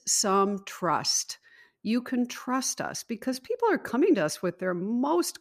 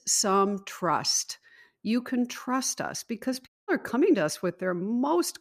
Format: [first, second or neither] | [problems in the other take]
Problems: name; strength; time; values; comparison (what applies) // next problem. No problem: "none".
first | audio cutting out; at 3.5 s